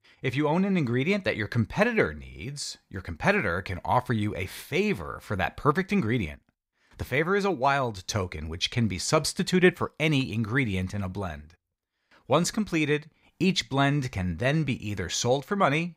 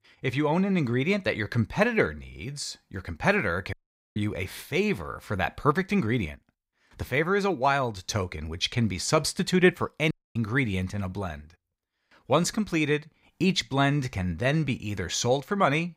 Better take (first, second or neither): first